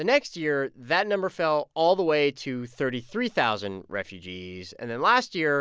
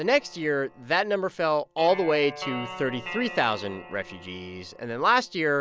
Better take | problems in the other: first | background sound (Guitar); 15 dB below the speech

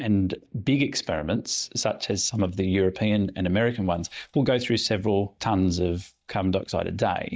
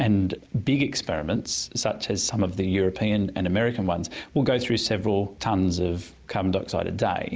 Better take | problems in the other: second | noise reduction (neural mask model DeepFilterNet 3)

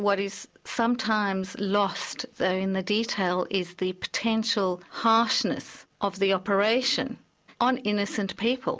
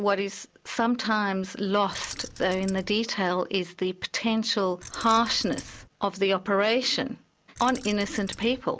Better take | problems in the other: first | background sound (Keys jangling); 16 dB below the speech

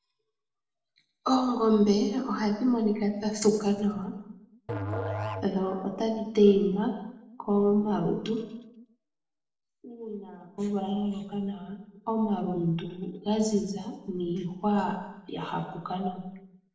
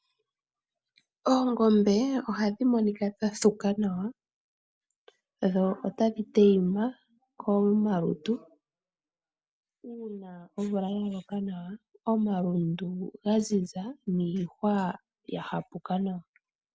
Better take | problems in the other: second | noise reduction (neural separator model SepFormer DNS4)

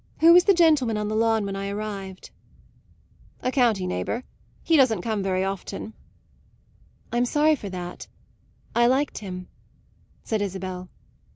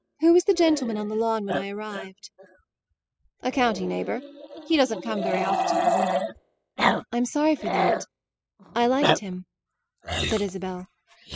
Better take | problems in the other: first | noise reduction (classical method spectral subtraction)

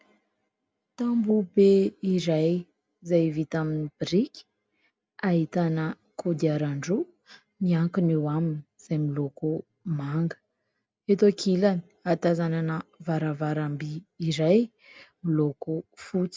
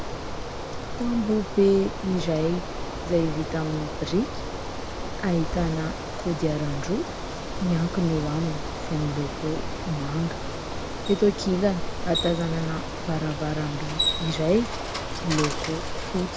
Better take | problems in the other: first | background sound (Bicycle); 4 dB below the speech

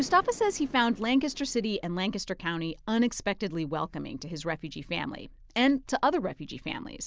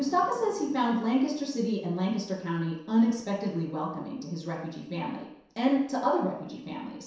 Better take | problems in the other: first | room echo; dies away in 0.7 s

